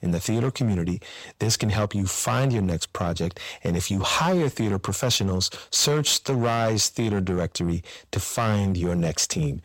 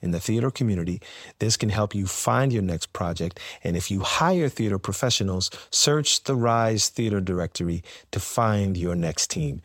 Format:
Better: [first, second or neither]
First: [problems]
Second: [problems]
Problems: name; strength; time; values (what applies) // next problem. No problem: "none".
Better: second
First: distortion; slight; 8% of the sound clipped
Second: none